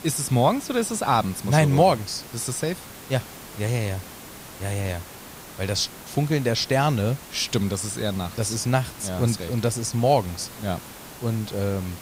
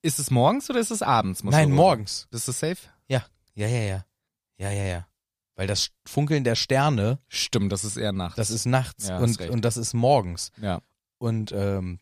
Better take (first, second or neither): second